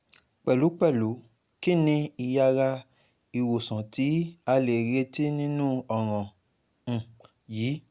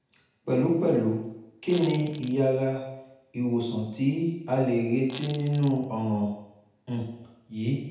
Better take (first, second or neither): first